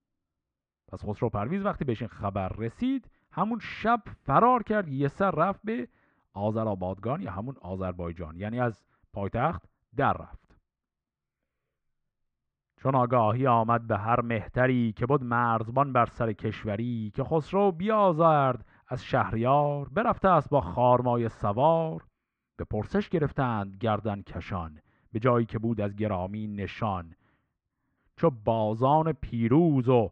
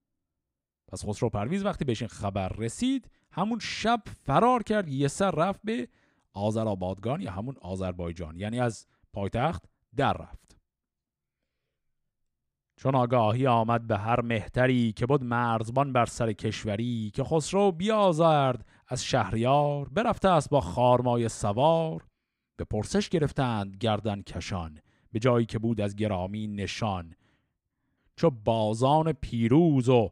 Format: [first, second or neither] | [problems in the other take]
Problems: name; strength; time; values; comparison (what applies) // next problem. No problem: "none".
second | muffled; very; fading above 2 kHz